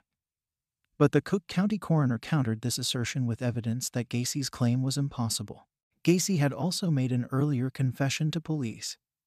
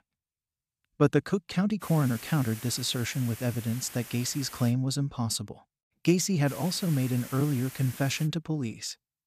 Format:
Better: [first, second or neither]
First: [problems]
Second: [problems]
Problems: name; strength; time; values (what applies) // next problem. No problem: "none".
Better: first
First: none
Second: hiss; very faint; from 2 to 4.5 s and from 6.5 to 8.5 s; 15 dB below the speech